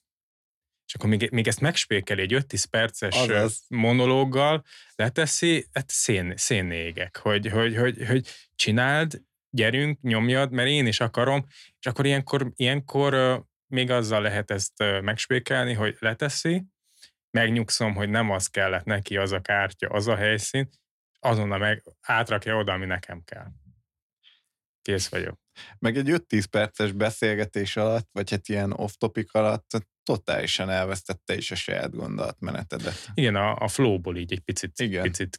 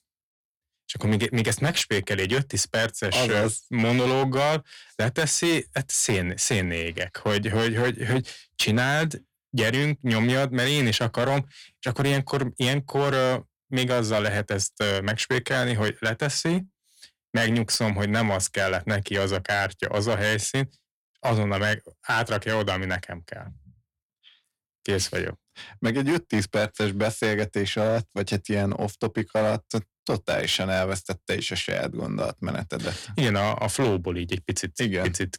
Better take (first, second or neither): first